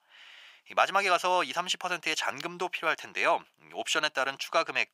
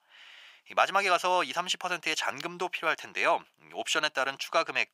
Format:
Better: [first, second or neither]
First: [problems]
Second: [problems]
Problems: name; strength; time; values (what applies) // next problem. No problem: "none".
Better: neither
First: thin; very; fading below 850 Hz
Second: thin; very; fading below 850 Hz